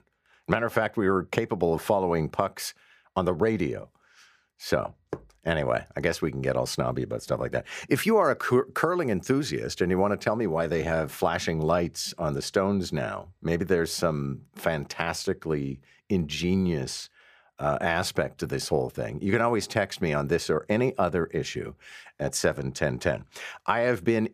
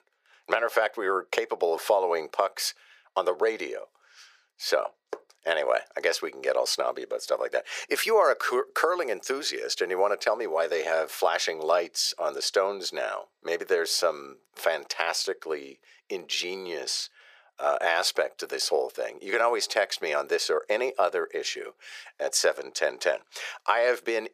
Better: first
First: none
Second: thin; very; fading below 450 Hz

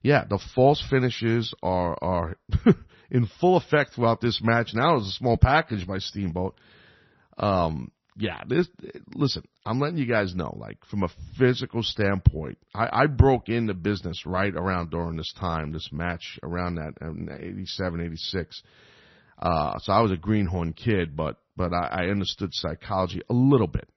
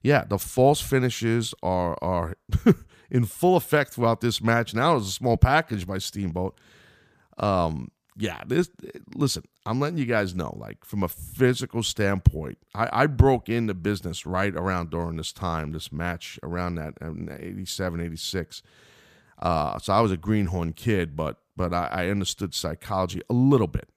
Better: second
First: garbled, watery; slightly; nothing above 6 kHz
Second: none

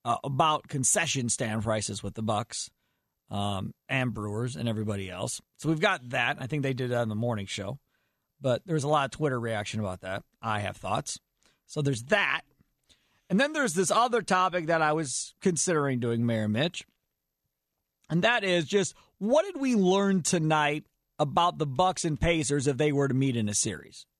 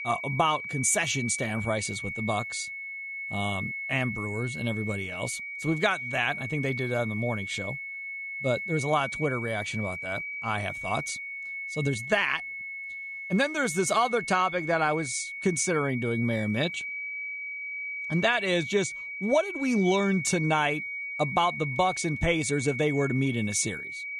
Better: first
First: none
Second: high-pitched whine; loud; throughout; 2 kHz, 6 dB below the speech

